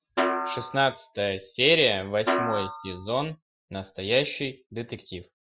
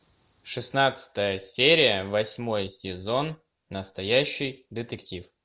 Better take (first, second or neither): second